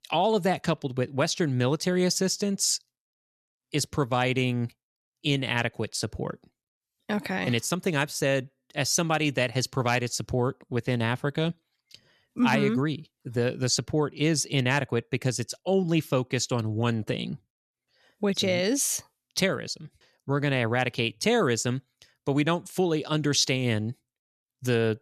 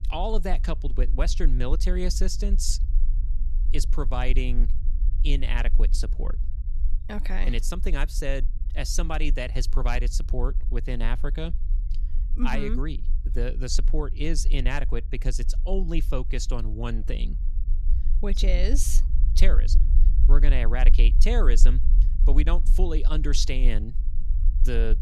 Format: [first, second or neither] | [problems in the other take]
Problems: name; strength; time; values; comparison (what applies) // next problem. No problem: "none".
first | low rumble; noticeable; throughout; 15 dB below the speech